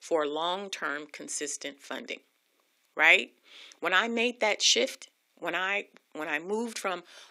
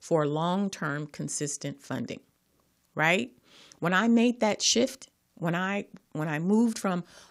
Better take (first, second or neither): second